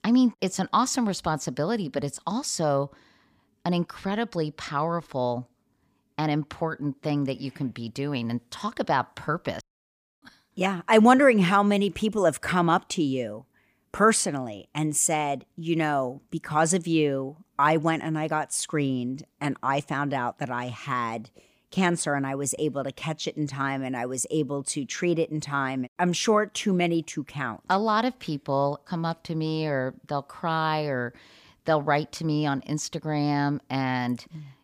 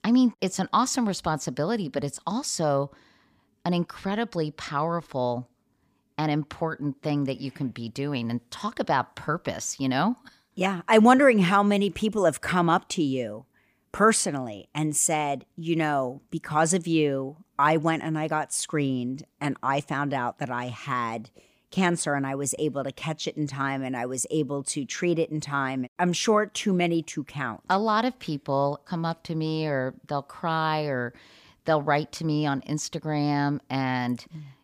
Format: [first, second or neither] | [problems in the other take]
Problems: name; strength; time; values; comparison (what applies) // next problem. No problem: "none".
second | audio cutting out; at 9.5 s for 0.5 s